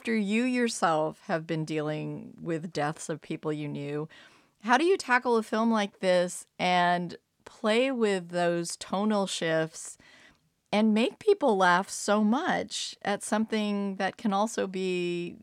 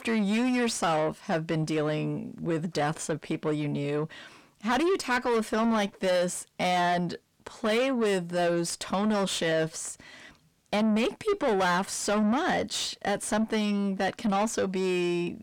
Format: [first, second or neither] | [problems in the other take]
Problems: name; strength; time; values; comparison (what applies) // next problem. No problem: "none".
first | distortion; heavy; 7 dB below the speech